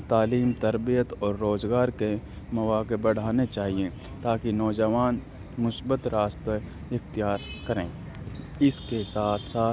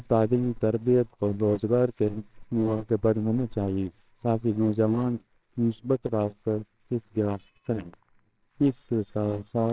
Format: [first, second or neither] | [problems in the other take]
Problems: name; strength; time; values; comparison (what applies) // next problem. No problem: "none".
first | noise reduction (neural separator model SepFormer WHAMR!)